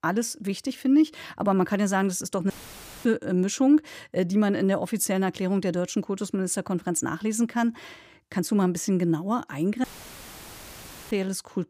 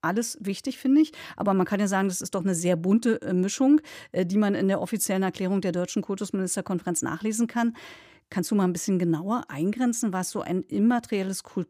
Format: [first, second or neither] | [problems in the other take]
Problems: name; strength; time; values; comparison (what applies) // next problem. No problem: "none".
second | audio cutting out; filled with static; at 2.5 s for 0.5 s and at 10 s for 1.5 s